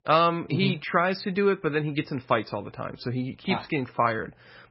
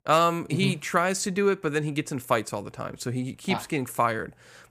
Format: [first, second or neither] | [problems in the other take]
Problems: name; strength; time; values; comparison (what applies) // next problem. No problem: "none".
second | garbled, watery; badly; nothing above 5.5 kHz